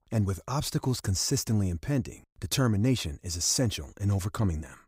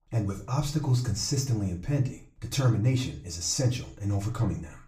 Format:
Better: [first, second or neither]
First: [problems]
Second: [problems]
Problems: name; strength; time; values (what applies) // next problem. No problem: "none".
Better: first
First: none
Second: room echo; slight; dies away in 0.3 s // off-mic speech; far